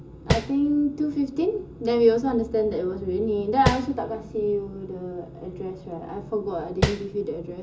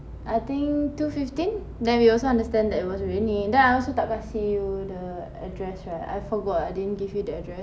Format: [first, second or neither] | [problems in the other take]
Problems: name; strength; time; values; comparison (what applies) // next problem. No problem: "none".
second | background sound (Tap); 1 dB below the speech // room echo; dies away in 0.2 s